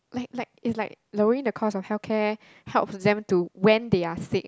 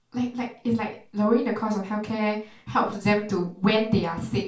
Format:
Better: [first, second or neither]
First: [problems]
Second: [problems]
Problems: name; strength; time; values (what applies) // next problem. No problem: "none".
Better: first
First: none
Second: room echo; dies away in 0.3 s